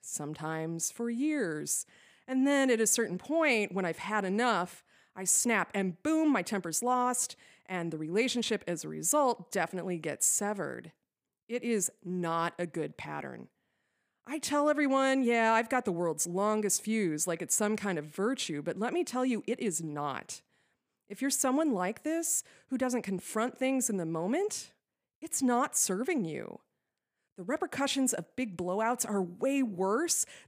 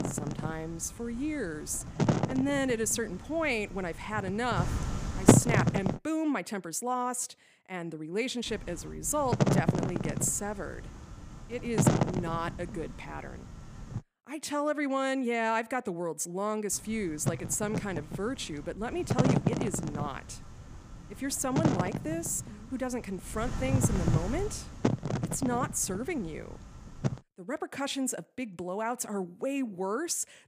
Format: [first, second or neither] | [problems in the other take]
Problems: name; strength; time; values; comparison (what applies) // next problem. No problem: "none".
first | wind noise on the microphone; heavy; until 6 s, from 8.5 to 14 s and from 17 to 27 s; 1 dB below the speech